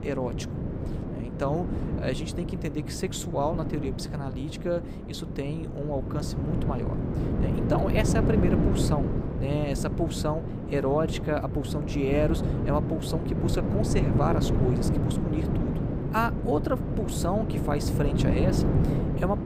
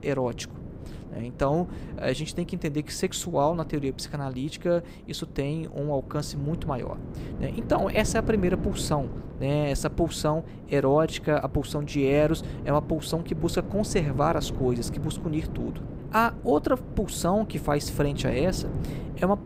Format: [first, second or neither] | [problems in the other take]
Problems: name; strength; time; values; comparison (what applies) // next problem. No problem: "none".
second | wind noise on the microphone; heavy; 4 dB below the speech; occasional gusts in the second